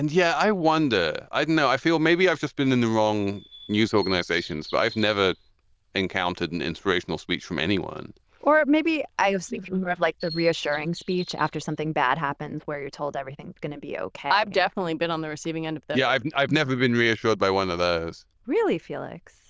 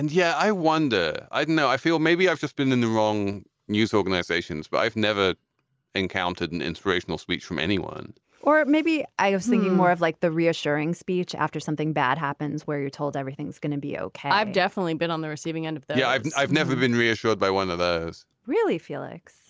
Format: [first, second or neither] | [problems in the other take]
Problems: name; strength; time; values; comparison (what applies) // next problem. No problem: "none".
second | noise reduction (neural diffusion model UNIVERSE++)